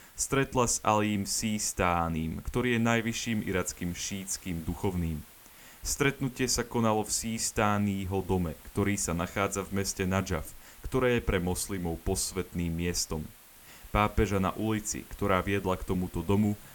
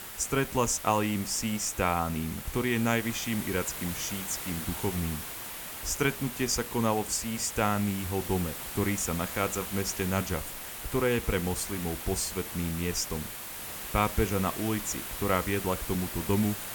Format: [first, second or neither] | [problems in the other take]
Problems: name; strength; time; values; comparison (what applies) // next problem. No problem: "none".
first | hiss; loud; throughout; 7 dB below the speech; faint in the first